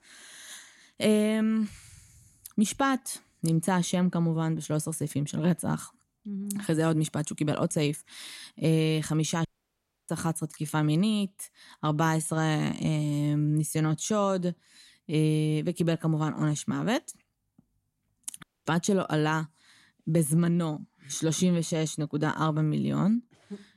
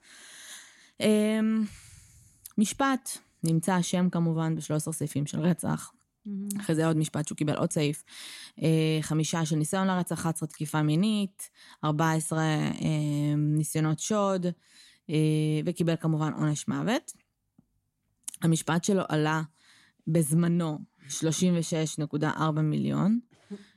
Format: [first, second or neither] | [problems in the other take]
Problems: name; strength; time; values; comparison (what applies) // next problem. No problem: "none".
second | audio cutting out; at 9.5 s for 0.5 s and at 18 s